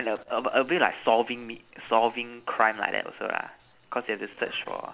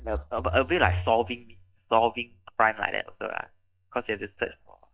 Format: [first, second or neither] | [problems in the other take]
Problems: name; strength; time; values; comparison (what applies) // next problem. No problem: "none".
first | noise reduction (neural mask model DeepFilterNet 3)